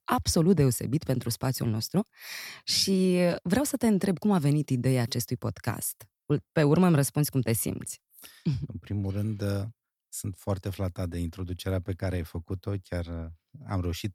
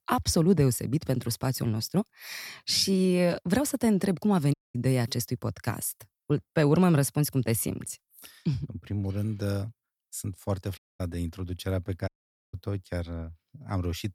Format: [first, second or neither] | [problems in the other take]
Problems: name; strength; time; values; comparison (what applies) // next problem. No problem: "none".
first | audio cutting out; at 4.5 s, at 11 s and at 12 s